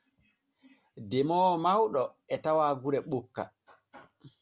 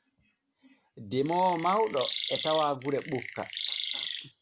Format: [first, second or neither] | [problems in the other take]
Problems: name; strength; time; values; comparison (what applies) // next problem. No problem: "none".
first | background sound (Chirp, tweet); 6 dB below the speech